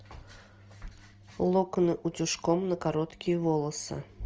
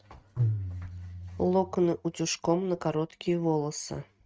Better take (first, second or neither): first